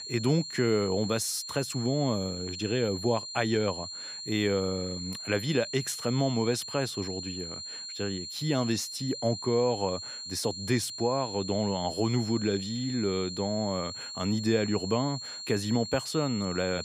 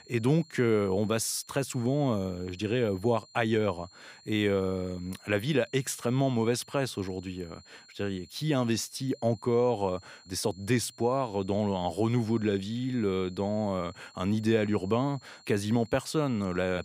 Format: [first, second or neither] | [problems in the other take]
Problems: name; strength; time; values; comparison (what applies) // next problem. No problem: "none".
second | high-pitched whine; loud; throughout; 4 kHz, 7 dB below the speech; faint in the second